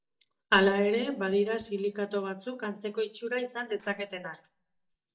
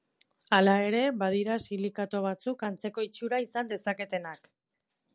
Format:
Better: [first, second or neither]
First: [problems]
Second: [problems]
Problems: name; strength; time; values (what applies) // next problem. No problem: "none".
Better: second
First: noise reduction (neural mask model DeepFilterNet 3)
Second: none